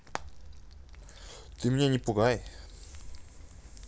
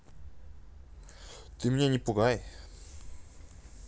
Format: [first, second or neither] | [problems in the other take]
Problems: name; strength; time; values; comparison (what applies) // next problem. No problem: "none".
second | background sound (Frying (food)); 19 dB below the speech